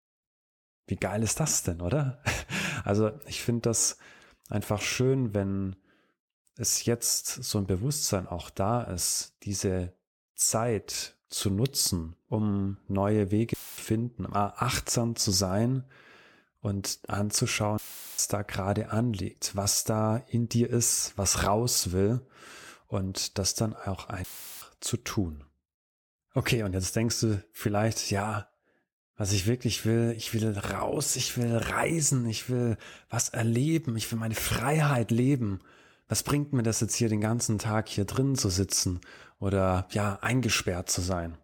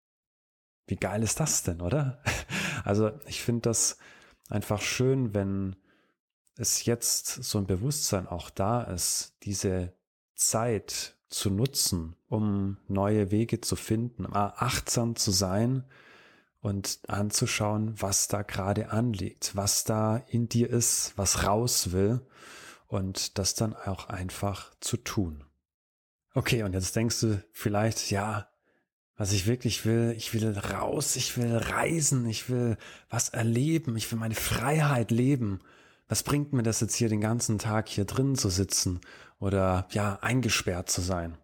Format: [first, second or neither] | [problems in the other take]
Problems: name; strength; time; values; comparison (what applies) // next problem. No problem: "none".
second | audio cutting out; filled with static; at 14 s, at 18 s and at 24 s